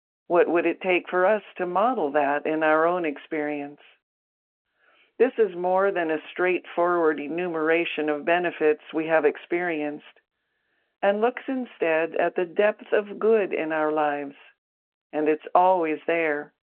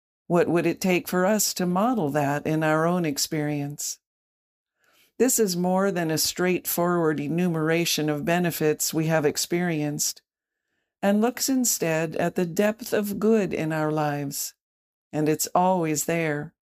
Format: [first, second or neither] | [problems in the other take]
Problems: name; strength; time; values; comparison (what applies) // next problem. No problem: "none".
second | phone-call audio